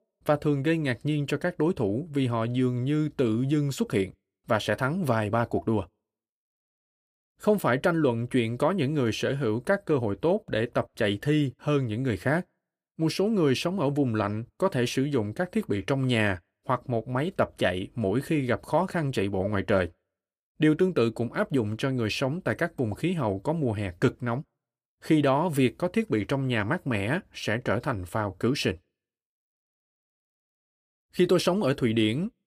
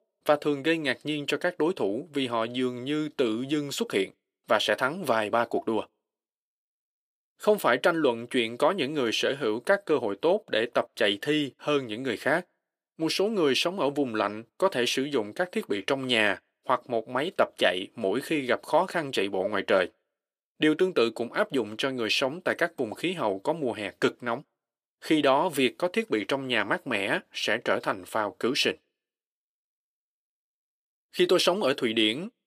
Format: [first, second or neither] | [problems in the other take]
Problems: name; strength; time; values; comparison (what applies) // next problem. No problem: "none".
first | thin; somewhat; fading below 350 Hz